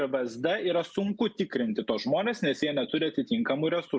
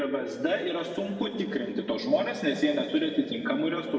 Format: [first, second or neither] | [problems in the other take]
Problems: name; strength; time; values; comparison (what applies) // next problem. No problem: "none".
first | room echo; dies away in 2.3 s